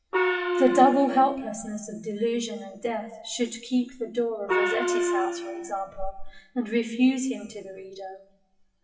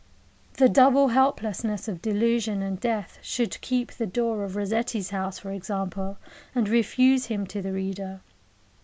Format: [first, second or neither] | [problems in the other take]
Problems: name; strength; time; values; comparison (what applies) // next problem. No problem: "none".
second | noise reduction (classical method WPE with log-MMSE)